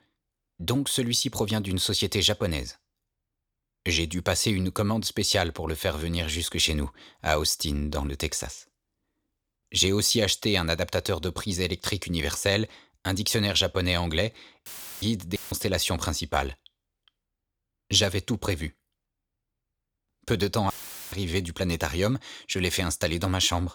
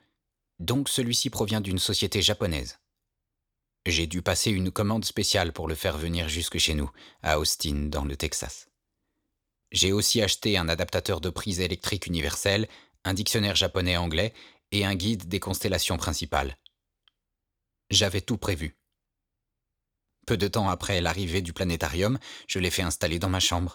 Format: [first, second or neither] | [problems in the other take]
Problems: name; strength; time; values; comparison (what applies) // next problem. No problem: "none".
second | audio cutting out; filled with static; at 15 s and at 21 s